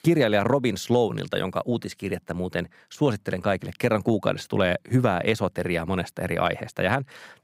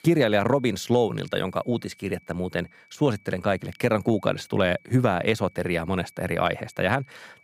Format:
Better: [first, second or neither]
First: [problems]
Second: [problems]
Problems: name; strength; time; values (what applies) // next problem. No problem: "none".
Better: first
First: none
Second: high-pitched whine; faint; throughout; 2.5 kHz, 30 dB below the speech